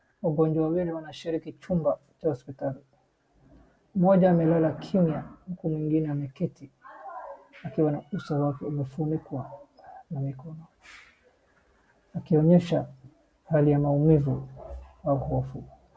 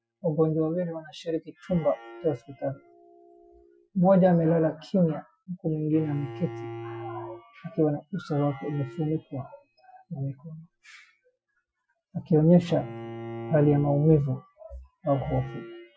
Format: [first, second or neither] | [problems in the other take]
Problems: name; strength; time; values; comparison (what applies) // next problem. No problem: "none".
first | noise reduction (classical method Wiener filter)